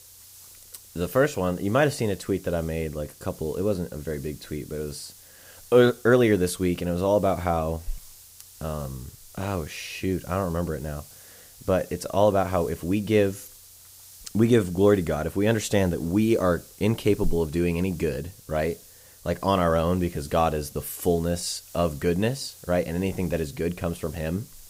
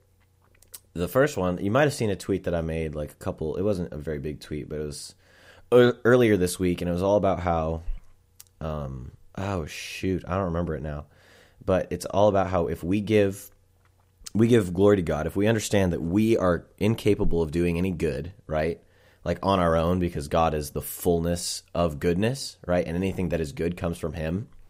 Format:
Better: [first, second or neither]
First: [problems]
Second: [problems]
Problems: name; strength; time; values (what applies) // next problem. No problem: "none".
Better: second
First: hiss; faint; throughout; 20 dB below the speech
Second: none